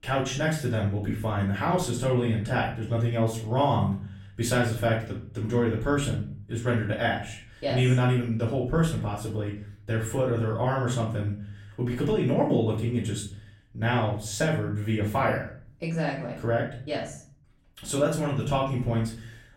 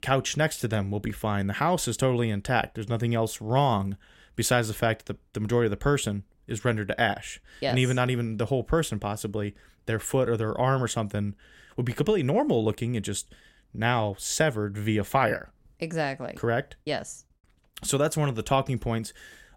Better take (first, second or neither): second